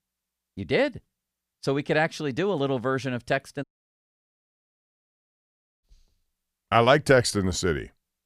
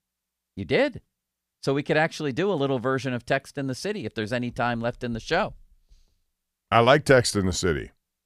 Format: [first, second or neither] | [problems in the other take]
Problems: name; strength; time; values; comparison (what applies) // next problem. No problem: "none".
second | audio cutting out; at 3.5 s for 2 s